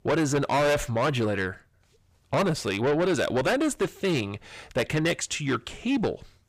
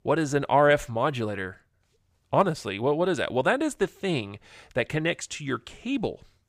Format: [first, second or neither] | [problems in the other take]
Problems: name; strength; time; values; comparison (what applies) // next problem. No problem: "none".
second | distortion; heavy; 6 dB below the speech